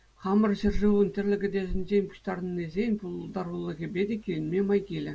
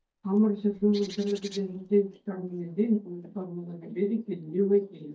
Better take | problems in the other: first | noise reduction (neural mask model DeepFilterNet 3)

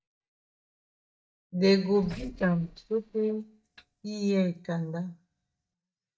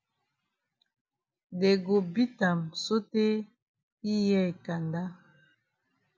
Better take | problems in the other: second | noise reduction (neural mask model DeepFilterNet 3)

